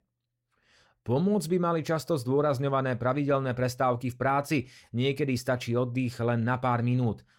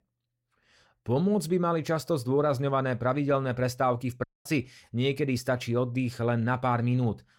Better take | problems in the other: first | audio cutting out; at 4 s

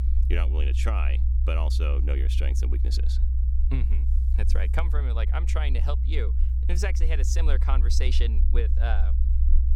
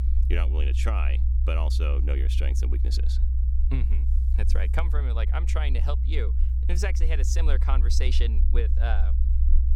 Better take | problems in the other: neither | low rumble; loud; throughout; 8 dB below the speech; the same in both

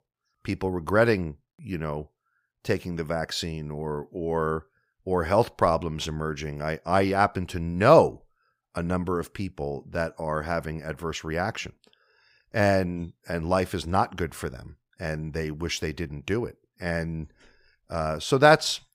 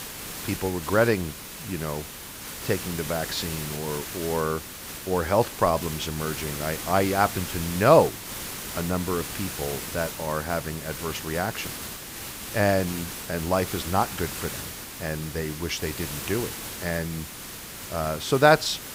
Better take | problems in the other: first | hiss; loud; throughout; 7 dB below the speech

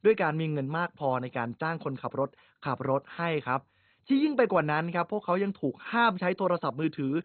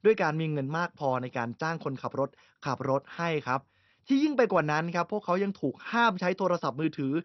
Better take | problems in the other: second | garbled, watery; badly; nothing above 4 kHz; slightly in the second

